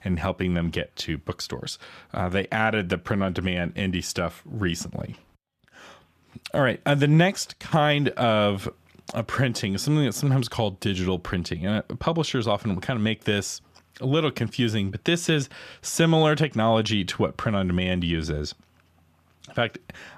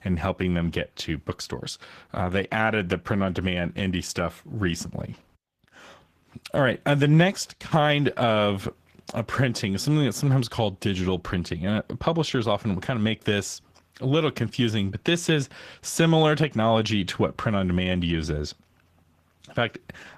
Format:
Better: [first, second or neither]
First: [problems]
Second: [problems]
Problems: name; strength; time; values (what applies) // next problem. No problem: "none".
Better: first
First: none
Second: garbled, watery; slightly; nothing above 14.5 kHz